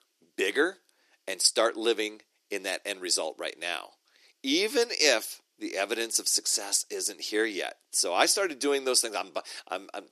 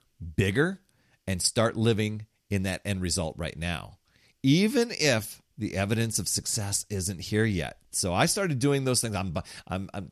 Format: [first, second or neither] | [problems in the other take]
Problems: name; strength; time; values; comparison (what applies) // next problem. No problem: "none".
second | thin; very; fading below 300 Hz